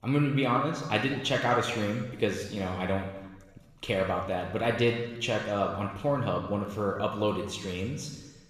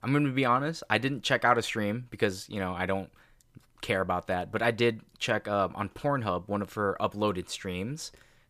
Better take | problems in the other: second | room echo; noticeable; dies away in 1.1 s // off-mic speech; somewhat distant

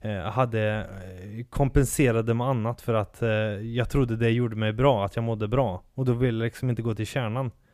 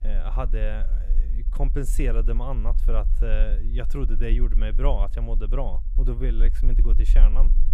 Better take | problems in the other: first | low rumble; noticeable; throughout; 15 dB below the speech

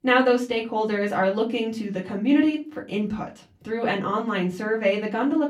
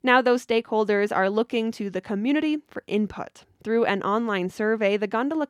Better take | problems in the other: second | off-mic speech; far // room echo; very slight; dies away in 0.2 s

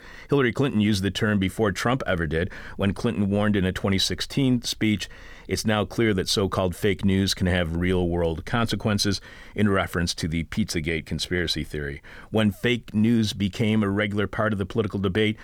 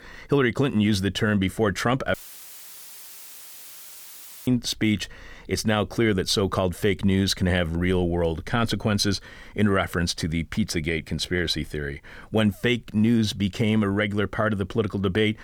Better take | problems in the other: first | audio cutting out; filled with static; at 2 s for 2.5 s

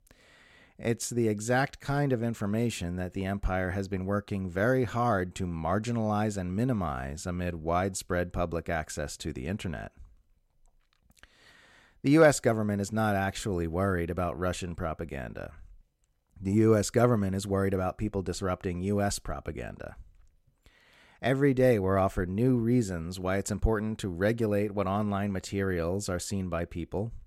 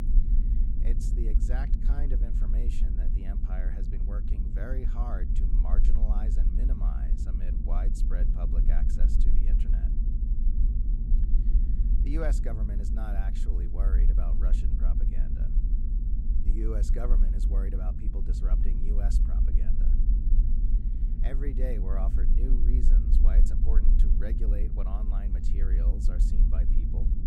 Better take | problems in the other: first | low rumble; loud; throughout; 3 dB below the speech

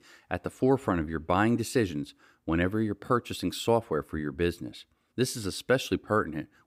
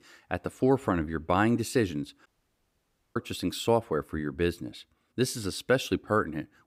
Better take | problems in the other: first | audio cutting out; at 2.5 s for 1 s

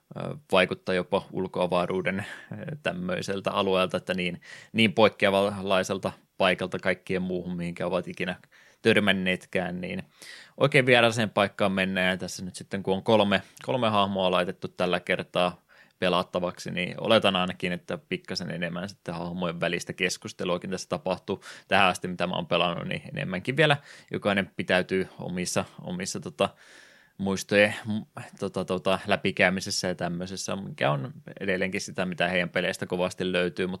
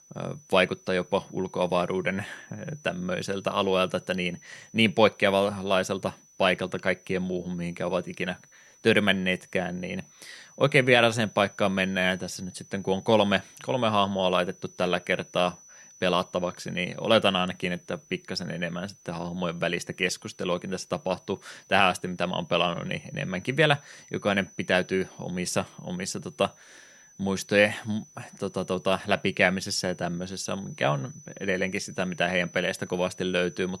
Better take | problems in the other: first | high-pitched whine; faint; throughout; 6 kHz, 25 dB below the speech

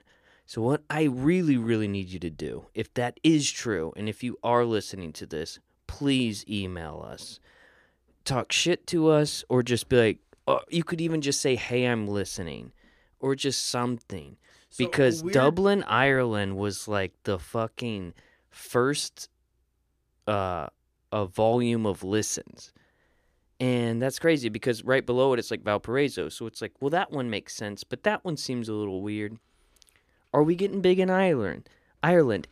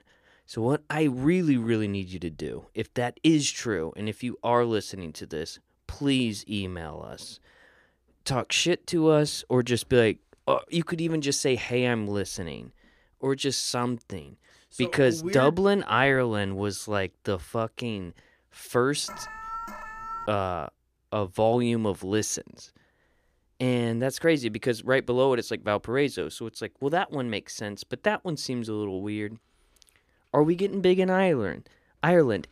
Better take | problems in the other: first | alarm; noticeable; from 19 to 20 s; peak 10 dB below the speech

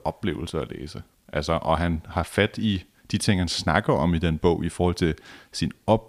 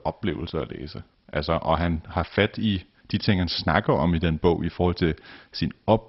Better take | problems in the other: first | garbled, watery; badly; nothing above 5.5 kHz

